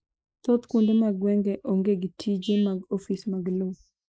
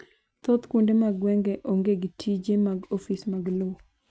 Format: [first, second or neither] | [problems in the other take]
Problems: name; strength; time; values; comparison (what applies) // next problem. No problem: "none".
second | noise reduction (neural mask model Resemble Enhance denoiser)